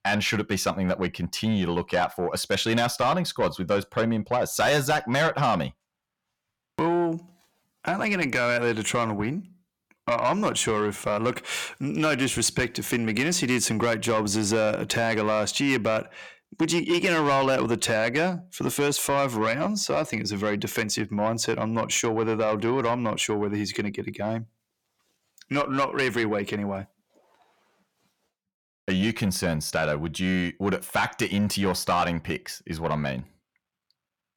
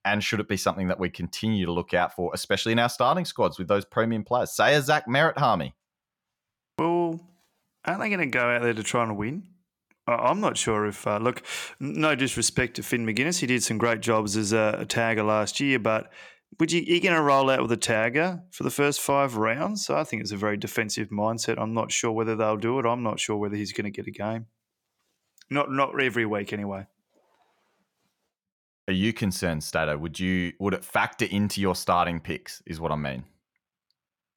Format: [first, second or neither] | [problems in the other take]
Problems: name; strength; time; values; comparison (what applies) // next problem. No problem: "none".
second | distortion; slight; 10 dB below the speech